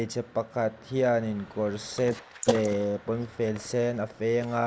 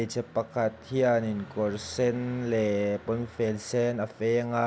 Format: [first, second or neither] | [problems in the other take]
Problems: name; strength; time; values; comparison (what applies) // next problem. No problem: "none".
second | noise reduction (neural mask model Resemble Enhance denoiser)